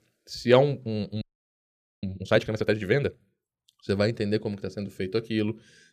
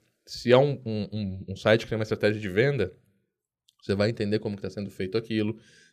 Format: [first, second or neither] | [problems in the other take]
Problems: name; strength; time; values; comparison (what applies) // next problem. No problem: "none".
second | audio freezing; at 1 s for 1 s